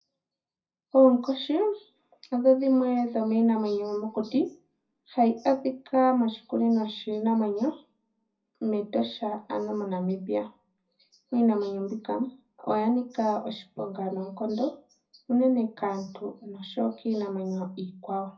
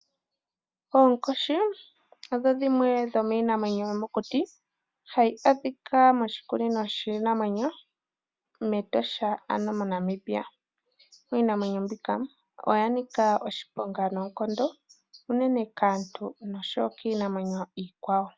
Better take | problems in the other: second | room echo; dies away in 0.4 s

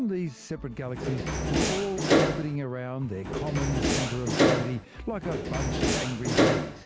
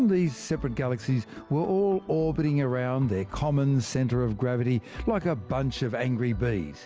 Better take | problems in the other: second | background sound (Door); 5 dB above the speech

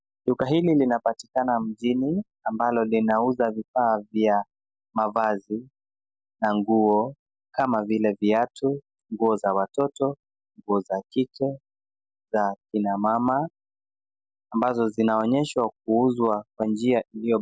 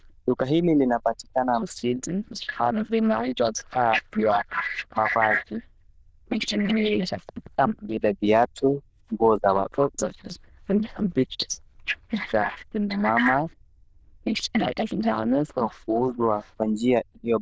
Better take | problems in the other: first | noise reduction (neural diffusion model UNIVERSE++)

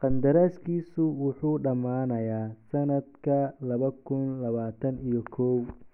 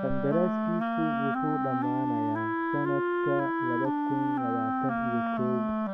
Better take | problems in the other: first | background sound (Wind instrument, woodwind instrument); 4 dB above the speech

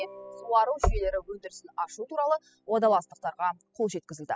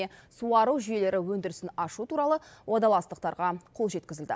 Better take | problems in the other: second | noise reduction (classical method spectral subtraction)

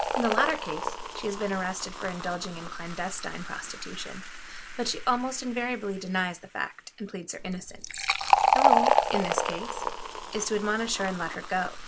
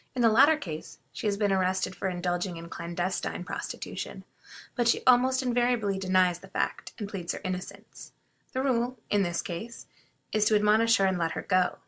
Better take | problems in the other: second | background sound (Fill (with liquid)); 2 dB above the speech

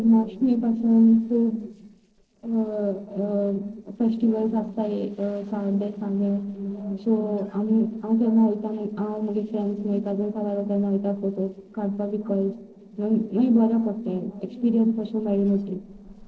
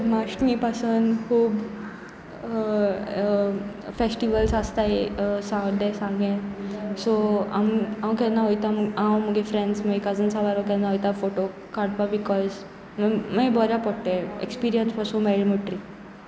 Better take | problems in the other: second | noise reduction (neural separator model SepFormer DNS4)

